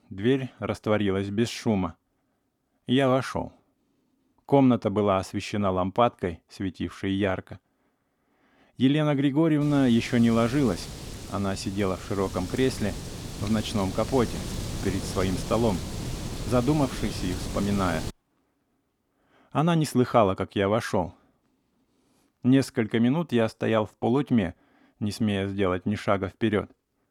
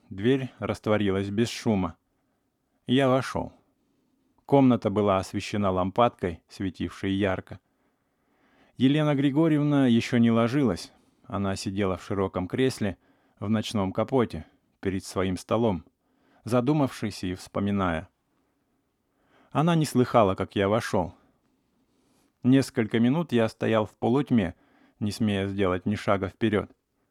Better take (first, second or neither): second